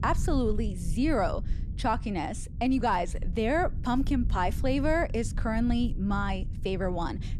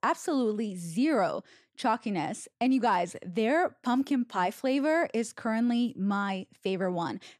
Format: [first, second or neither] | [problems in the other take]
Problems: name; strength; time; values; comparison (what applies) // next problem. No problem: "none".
second | low rumble; noticeable; throughout; 20 dB below the speech